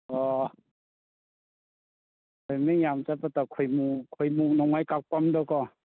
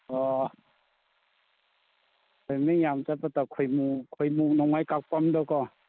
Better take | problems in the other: first | noise reduction (neural mask model Resemble Enhance denoiser)

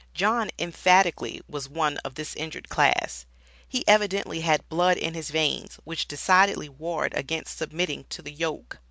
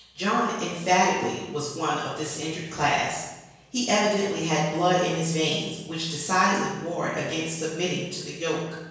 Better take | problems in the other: first | room echo; dies away in 1 s

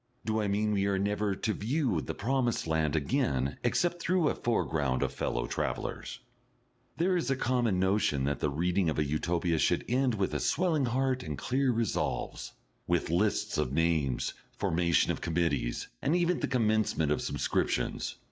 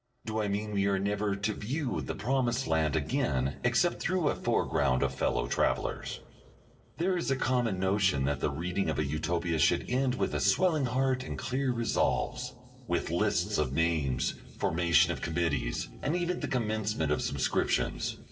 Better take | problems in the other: first | noise reduction (neural separator model SepFormer DNS4)

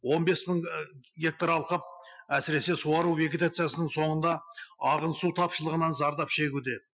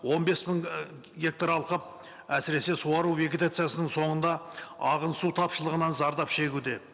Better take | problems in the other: second | noise reduction (classical method Wiener filter)

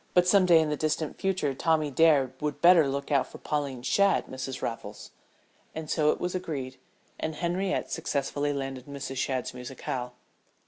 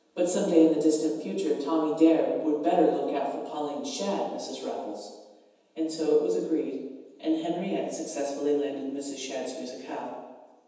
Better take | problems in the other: first | room echo; dies away in 1.1 s

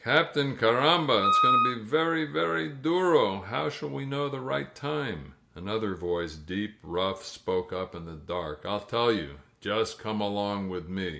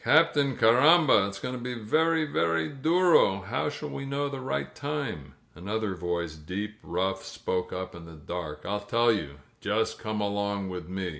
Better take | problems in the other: second | background sound (Wind instrument, woodwind instrument); 4 dB above the speech

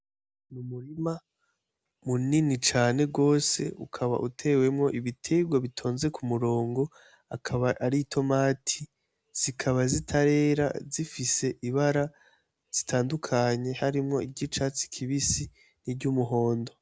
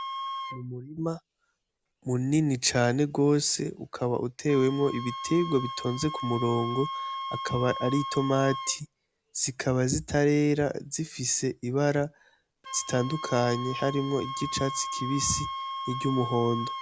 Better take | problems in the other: first | background sound (Wind instrument, woodwind instrument); 10 dB below the speech

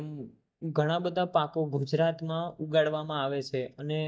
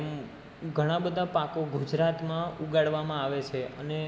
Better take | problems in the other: second | noise reduction (neural mask model DeepFilterNet 3)

